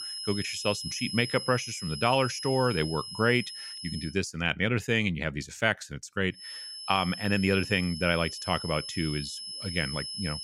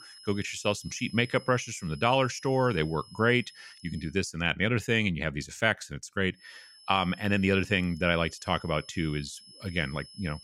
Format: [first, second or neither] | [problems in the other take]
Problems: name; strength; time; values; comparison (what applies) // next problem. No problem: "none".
second | high-pitched whine; loud; until 4 s and from 6.5 s on; 5 kHz, 8 dB below the speech; faint in the second